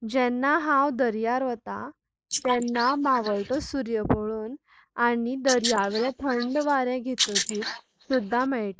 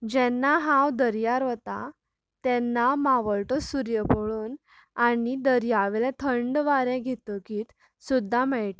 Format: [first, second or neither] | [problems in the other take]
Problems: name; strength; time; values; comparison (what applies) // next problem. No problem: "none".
second | noise reduction (neural mask model Resemble Enhance denoiser)